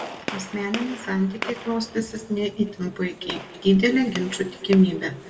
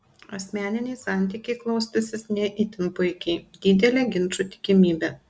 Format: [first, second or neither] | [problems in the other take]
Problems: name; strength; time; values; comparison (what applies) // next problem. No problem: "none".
second | background sound (Gunshot, gunfire); 13 dB below the speech // room echo; dies away in 1.5 s